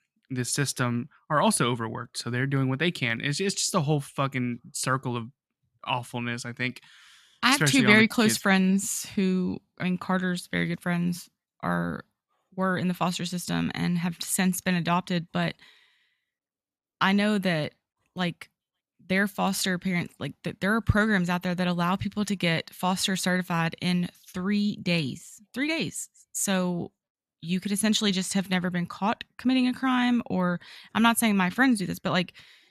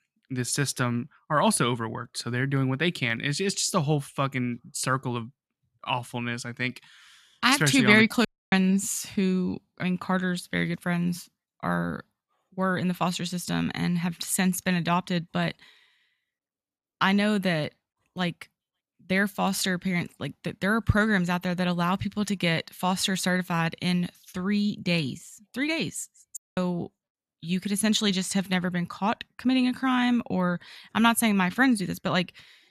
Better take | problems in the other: first | audio cutting out; at 8.5 s and at 26 s

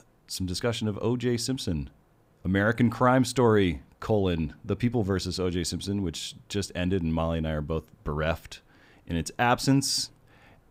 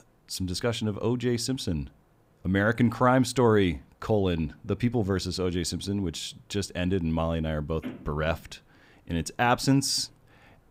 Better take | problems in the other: first | phone ringing; faint; from 8 to 9.5 s; peak 15 dB below the speech

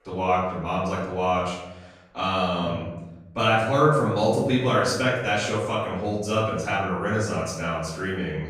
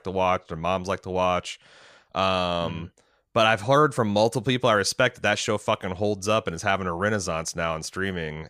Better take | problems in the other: second | off-mic speech; far // room echo; noticeable; dies away in 0.9 s

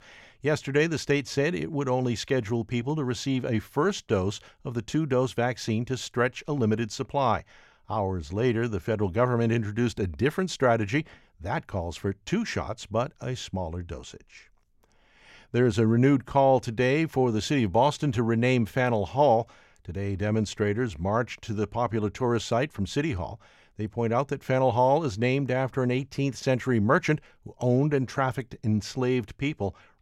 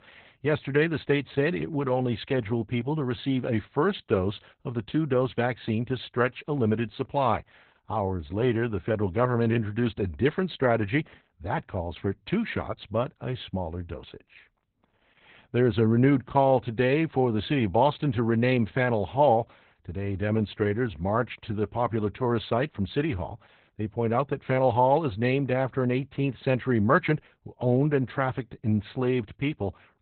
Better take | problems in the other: first | garbled, watery; badly; nothing above 4 kHz

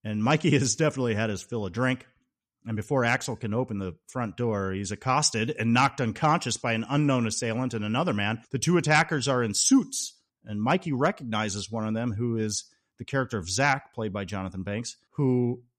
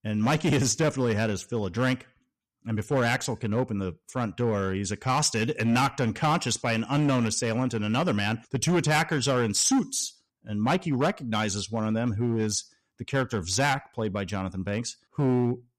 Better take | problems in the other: first | distortion; slight; 7% of the sound clipped

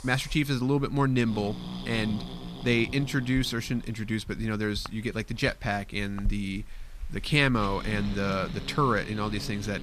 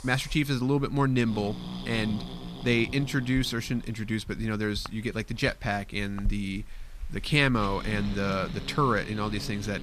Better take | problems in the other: neither | hiss; noticeable; throughout; 10 dB below the speech; the same in both

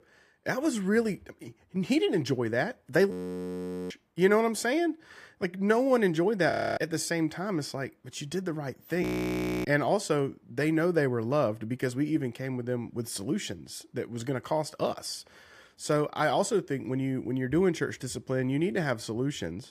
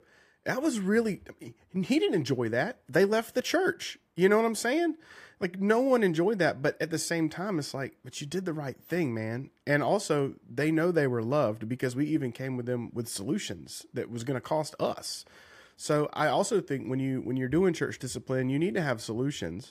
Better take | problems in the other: second | audio freezing; at 3 s for 1 s, at 6.5 s and at 9 s for 0.5 s

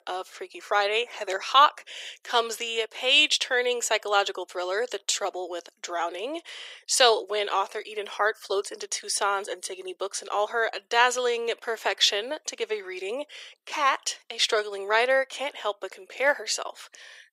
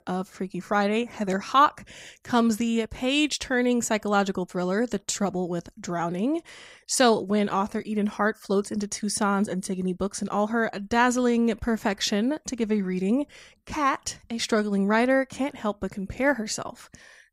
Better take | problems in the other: second | thin; very; fading below 400 Hz

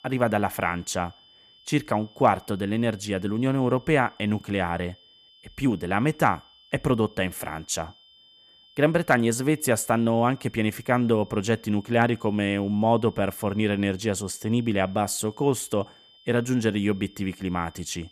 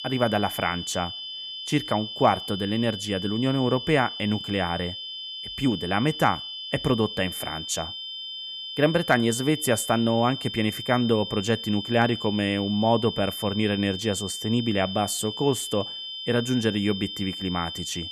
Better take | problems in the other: first | high-pitched whine; loud; throughout; 3 kHz, 7 dB below the speech; faint in the first

